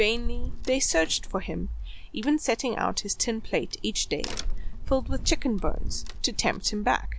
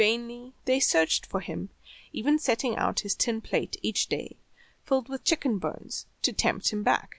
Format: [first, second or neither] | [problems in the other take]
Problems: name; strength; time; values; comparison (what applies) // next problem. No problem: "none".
second | background sound (Crack); 2 dB below the speech